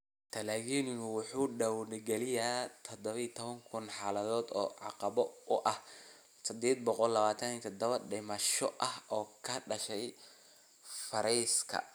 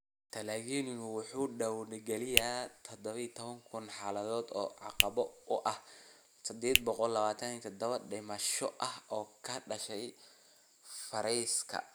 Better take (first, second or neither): first